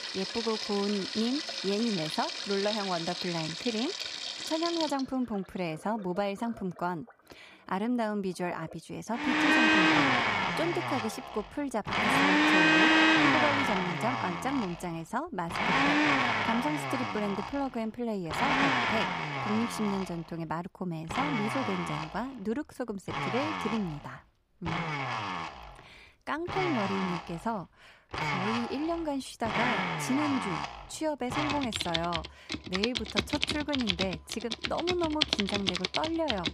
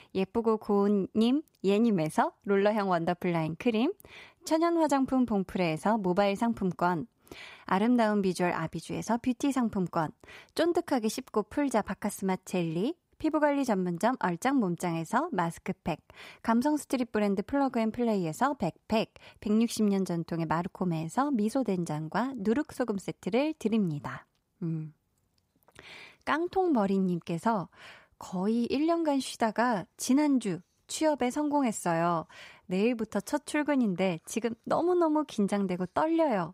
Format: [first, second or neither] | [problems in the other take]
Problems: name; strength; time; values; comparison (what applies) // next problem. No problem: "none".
second | household noises; very loud; throughout; 4 dB above the speech